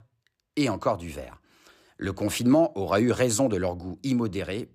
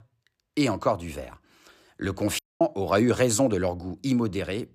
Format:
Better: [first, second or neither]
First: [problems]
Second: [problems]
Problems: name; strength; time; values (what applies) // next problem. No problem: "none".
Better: first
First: none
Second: audio cutting out; at 2.5 s